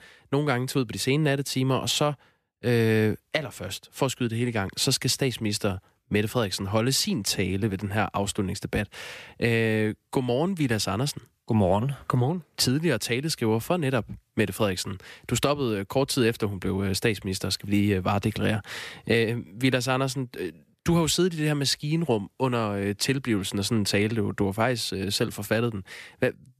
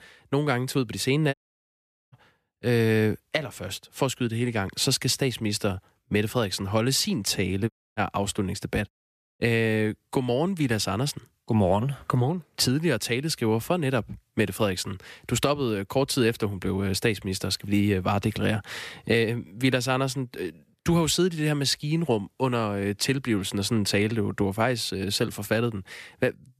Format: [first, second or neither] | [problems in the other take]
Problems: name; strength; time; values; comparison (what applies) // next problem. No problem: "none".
first | audio cutting out; at 1.5 s for 1 s, at 7.5 s and at 9 s